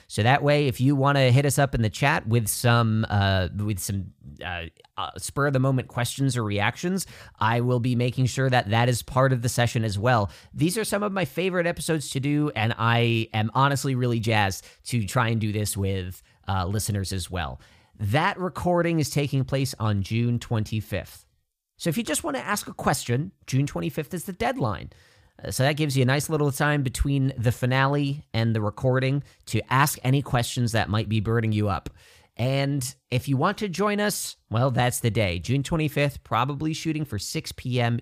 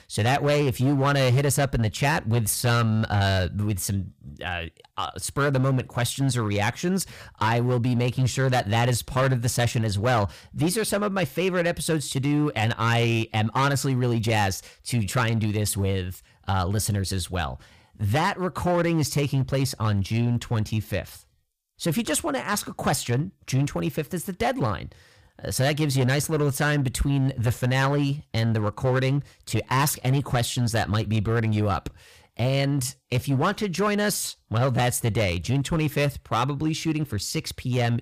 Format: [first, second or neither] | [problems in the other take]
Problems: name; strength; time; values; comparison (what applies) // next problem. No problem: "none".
first | distortion; slight; 8% of the sound clipped